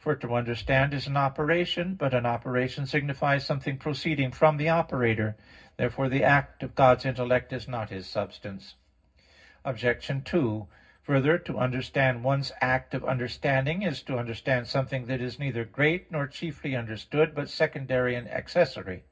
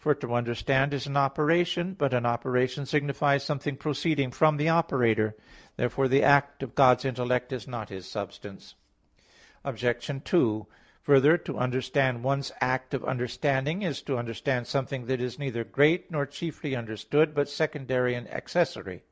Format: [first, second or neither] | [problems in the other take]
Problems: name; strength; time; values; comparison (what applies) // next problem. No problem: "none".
second | room echo; dies away in 0.4 s